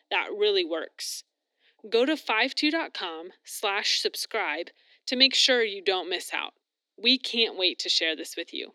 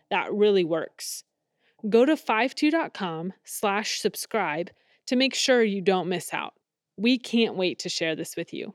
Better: second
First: thin; very slightly; fading below 250 Hz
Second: none

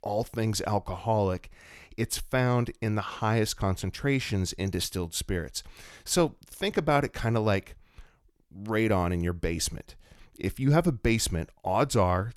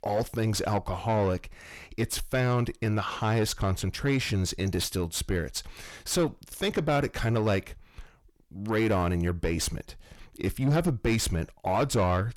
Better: first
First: none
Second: distortion; slight; 10 dB below the speech

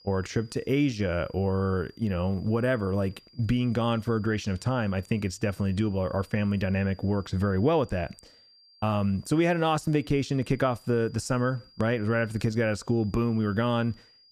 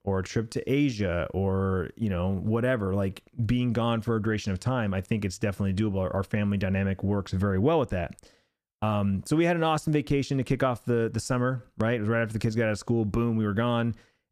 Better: second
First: high-pitched whine; faint; throughout; 5 kHz, 30 dB below the speech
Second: none

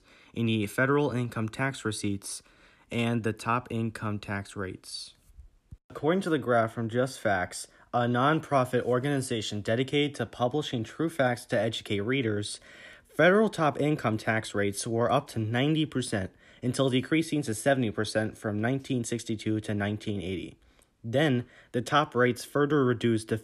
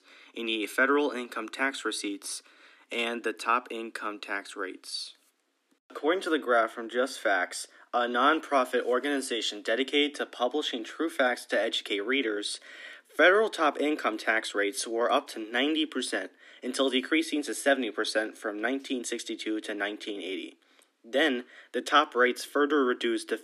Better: first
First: none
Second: thin; very slightly; fading below 250 Hz

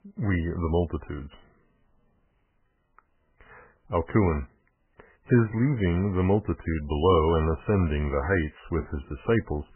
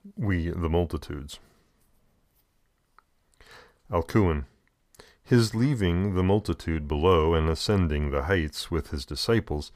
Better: second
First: garbled, watery; badly; nothing above 3 kHz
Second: none

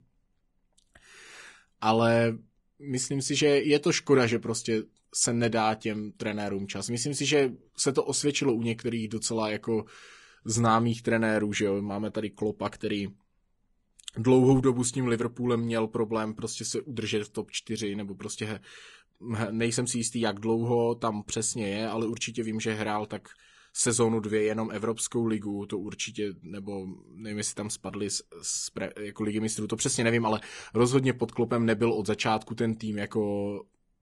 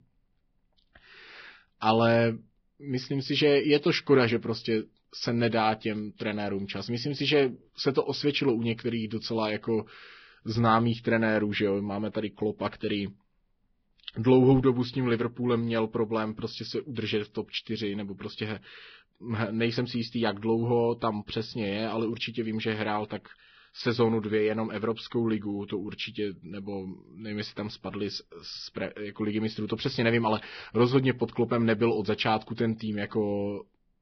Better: first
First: garbled, watery; slightly; nothing above 10 kHz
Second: garbled, watery; badly; nothing above 5.5 kHz

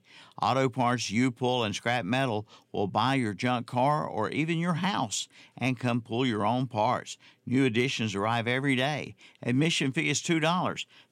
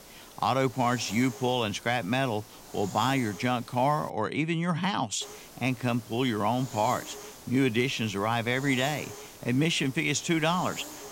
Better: first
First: none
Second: hiss; noticeable; until 4 s and from 5 s on; 15 dB below the speech

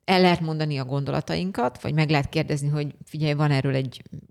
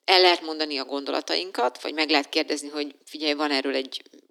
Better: first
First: none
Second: thin; somewhat; fading below 300 Hz

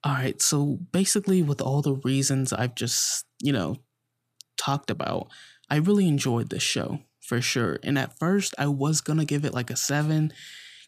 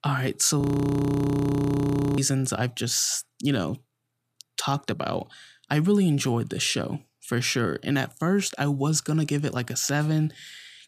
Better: first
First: none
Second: audio freezing; at 0.5 s for 1.5 s

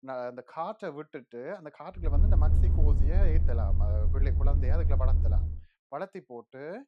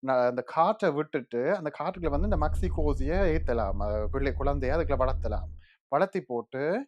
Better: second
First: low rumble; loud; from 2 to 5.5 s; 6 dB below the speech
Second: low rumble; faint; from 2 to 5.5 s; 25 dB below the speech

